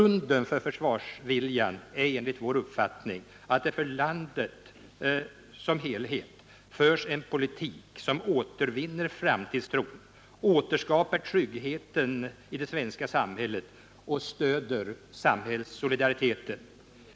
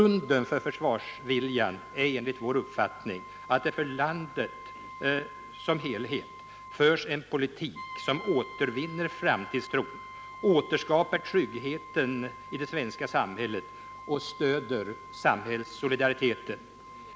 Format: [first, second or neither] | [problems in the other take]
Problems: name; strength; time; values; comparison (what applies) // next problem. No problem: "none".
first | background sound (Brass instrument); 15 dB below the speech